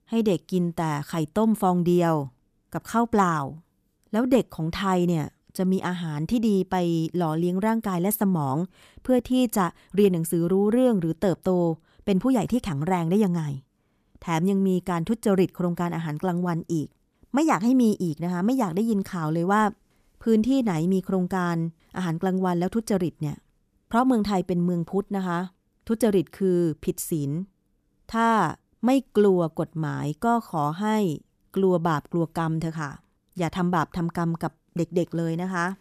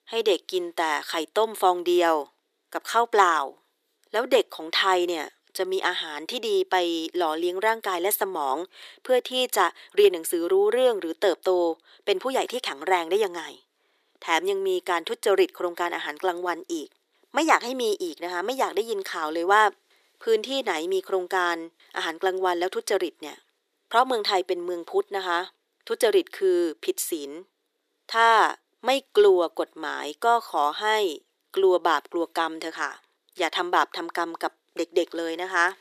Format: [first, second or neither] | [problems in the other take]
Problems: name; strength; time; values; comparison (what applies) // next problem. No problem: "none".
first | thin; very; fading below 350 Hz